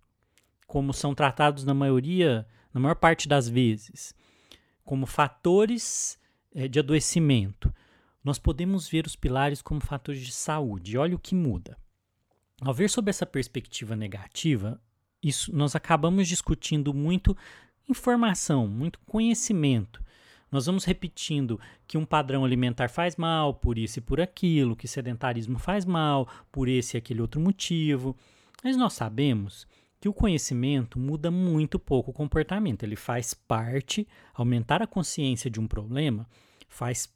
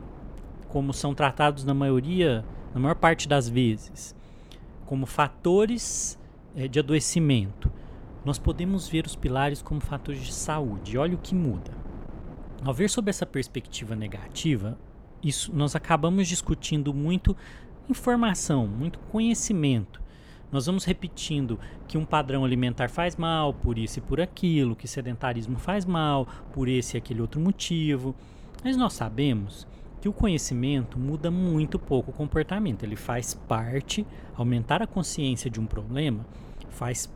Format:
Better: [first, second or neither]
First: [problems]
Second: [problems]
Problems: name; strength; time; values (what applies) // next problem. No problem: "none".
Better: first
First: none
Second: wind noise on the microphone; occasional gusts; 20 dB below the speech